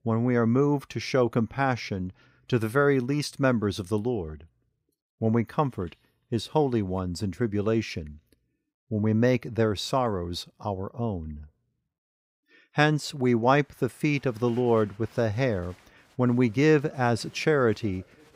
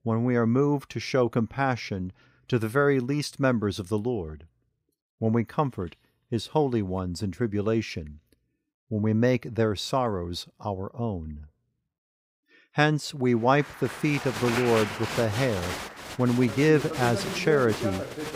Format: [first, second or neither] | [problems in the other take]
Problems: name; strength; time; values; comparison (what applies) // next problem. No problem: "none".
first | crowd noise; loud; from 14 s on; 6 dB below the speech; faint in the first